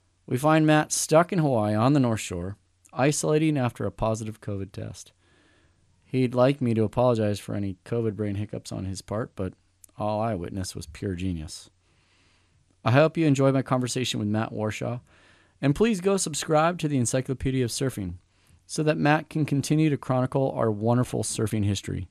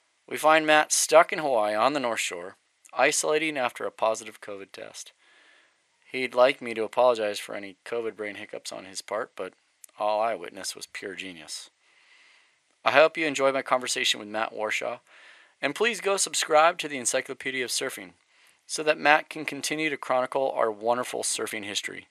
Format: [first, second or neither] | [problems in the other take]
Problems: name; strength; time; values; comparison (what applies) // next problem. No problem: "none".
first | thin; very; fading below 650 Hz